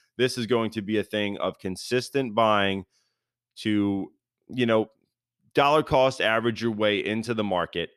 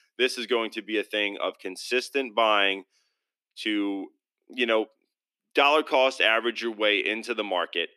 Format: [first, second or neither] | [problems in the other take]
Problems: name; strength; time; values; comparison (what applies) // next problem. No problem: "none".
first | thin; somewhat; fading below 250 Hz